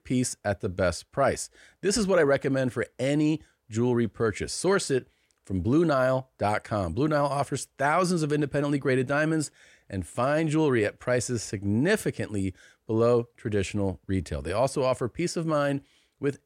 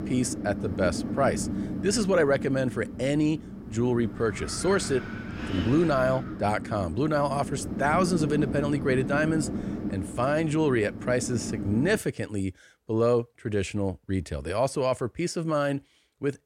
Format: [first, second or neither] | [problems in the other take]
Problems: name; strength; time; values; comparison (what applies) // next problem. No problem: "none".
first | wind noise on the microphone; occasional gusts; until 12 s; 10 dB below the speech